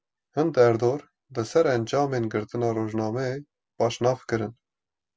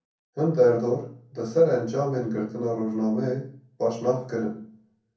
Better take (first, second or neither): first